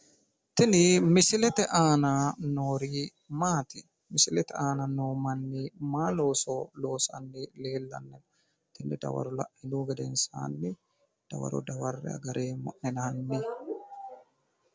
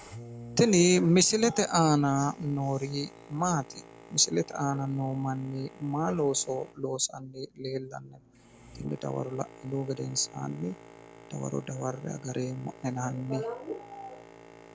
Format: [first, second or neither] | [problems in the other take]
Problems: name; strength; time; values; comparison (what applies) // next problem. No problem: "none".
first | background sound (Boat, Water vehicle); 20 dB below the speech